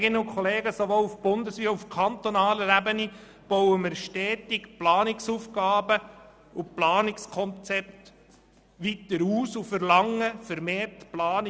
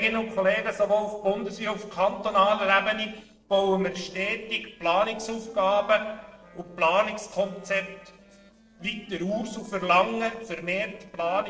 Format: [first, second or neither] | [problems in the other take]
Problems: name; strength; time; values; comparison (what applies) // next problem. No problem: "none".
first | noise reduction (neural separator model SepFormer DNS4)